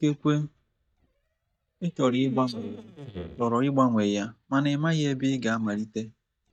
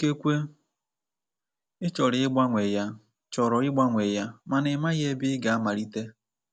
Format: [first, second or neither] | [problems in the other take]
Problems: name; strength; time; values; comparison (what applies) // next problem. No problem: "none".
second | noise reduction (neural mask model DeepFilterNet 3)